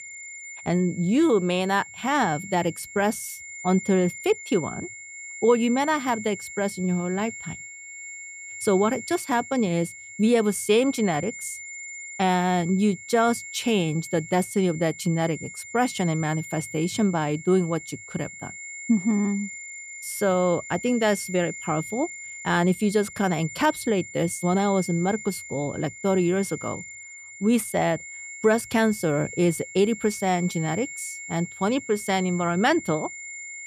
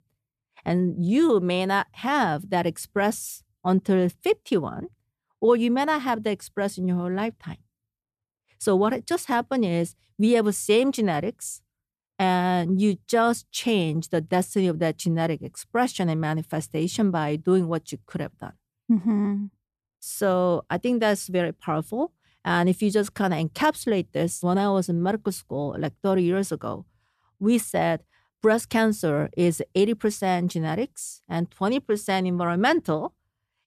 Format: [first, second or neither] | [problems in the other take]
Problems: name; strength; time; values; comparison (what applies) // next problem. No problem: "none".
second | high-pitched whine; noticeable; throughout; 2 kHz, 10 dB below the speech